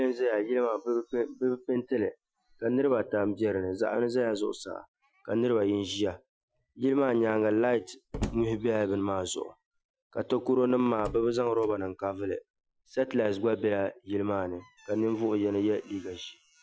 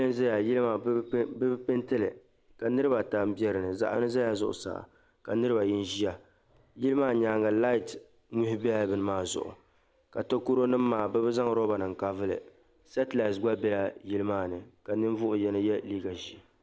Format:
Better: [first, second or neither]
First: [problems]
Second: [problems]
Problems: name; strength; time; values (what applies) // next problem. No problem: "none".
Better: second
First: noise reduction (classical method Wiener filter)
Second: none